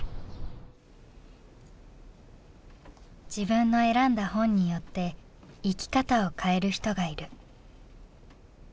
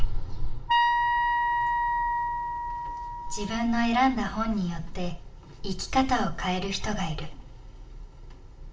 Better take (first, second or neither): first